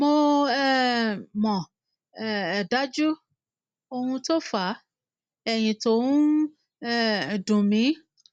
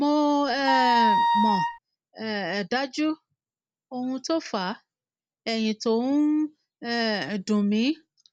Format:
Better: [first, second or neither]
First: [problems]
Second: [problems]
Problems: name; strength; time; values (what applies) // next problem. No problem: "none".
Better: first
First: none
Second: background sound (Wind instrument, woodwind instrument); 4 dB above the speech